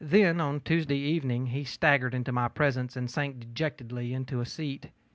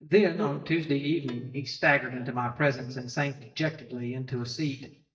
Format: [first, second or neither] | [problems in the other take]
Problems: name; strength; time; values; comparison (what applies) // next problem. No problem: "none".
first | noise reduction (neural mask model DeepFilterNet 3)